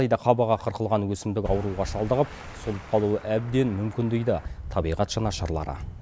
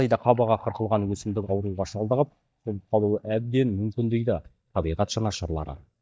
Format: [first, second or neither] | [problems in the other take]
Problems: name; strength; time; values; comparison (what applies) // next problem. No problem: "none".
first | noise reduction (neural mask model DeepFilterNet 3)